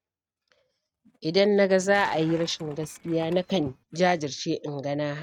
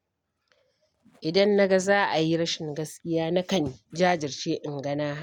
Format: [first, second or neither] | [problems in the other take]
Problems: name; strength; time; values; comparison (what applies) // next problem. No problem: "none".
second | noise reduction (neural mask model RNNoise)